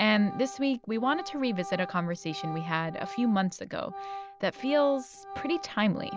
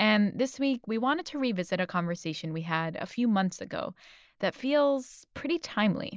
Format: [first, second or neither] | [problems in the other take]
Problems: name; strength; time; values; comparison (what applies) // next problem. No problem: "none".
second | background sound (Organ); 12 dB below the speech